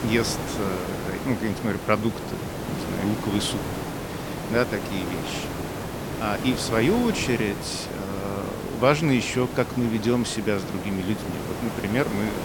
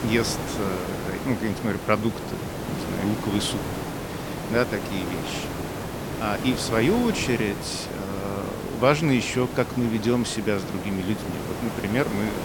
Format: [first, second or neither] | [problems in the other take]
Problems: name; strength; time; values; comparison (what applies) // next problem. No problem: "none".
neither | hiss; loud; throughout; 5 dB below the speech; the same in both